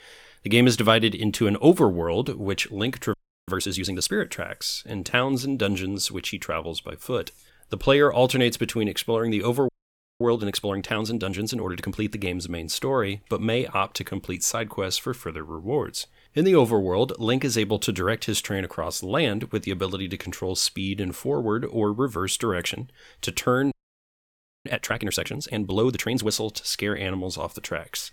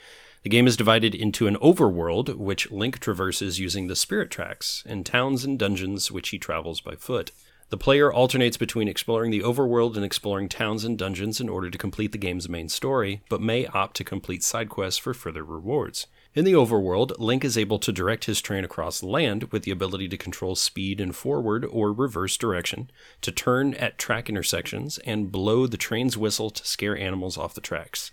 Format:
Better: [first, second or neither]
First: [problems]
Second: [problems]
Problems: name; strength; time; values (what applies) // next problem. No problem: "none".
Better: second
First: audio freezing; at 3 s, at 9.5 s for 0.5 s and at 24 s for 1 s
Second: none